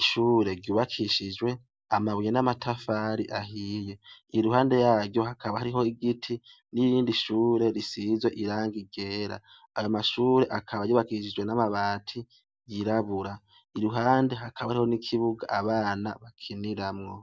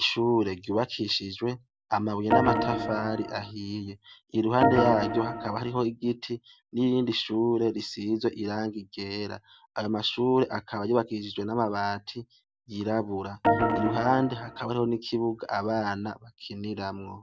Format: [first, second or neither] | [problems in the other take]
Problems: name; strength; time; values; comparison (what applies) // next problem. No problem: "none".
first | background sound (Organ); 1 dB above the speech